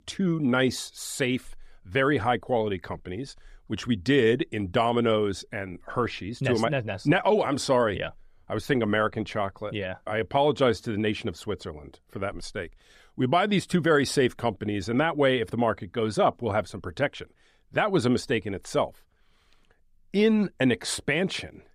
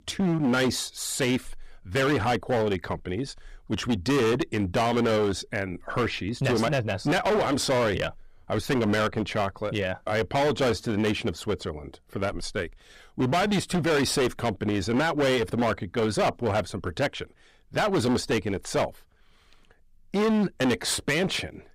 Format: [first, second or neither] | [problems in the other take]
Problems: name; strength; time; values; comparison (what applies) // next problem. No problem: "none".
first | distortion; heavy; 18% of the sound clipped